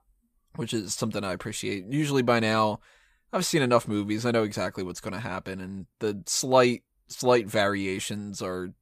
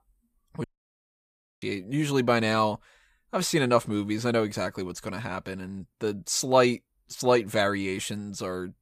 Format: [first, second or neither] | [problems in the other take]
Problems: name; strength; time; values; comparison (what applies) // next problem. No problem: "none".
first | audio cutting out; at 0.5 s for 1 s